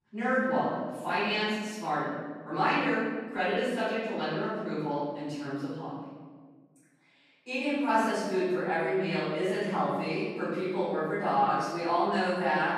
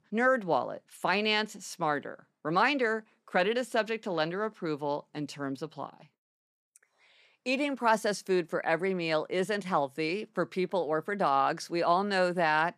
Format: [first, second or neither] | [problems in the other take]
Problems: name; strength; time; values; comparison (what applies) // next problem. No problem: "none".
second | off-mic speech; far // room echo; strong; dies away in 1.6 s